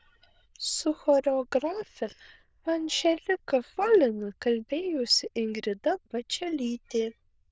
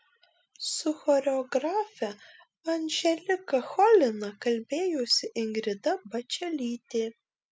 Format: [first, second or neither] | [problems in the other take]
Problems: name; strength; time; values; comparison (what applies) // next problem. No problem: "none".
second | noise reduction (neural diffusion model UNIVERSE++)